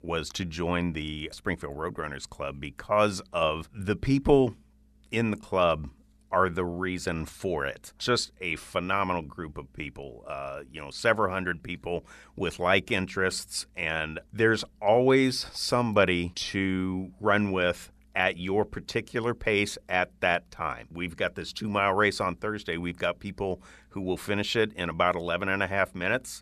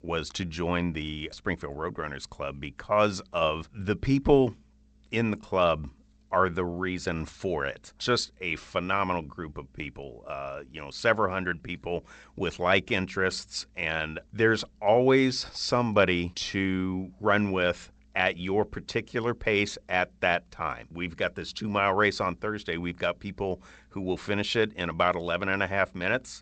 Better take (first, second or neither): first